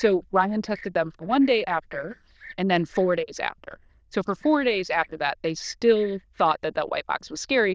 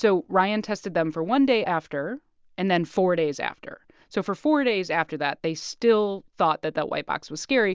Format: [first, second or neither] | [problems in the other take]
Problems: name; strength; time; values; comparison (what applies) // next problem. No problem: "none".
second | noise reduction (neural diffusion model UNIVERSE++)